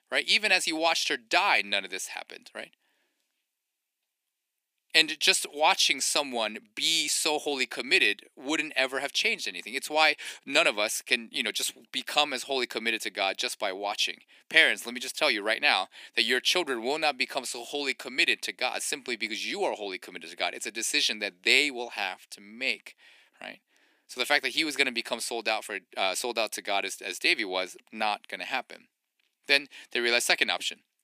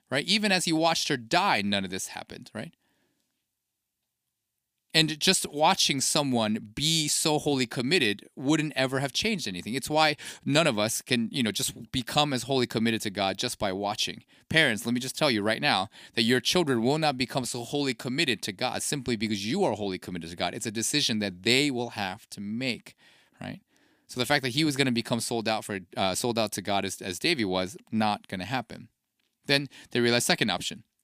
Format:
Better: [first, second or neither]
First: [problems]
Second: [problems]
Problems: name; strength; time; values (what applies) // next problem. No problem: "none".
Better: second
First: thin; somewhat; fading below 350 Hz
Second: none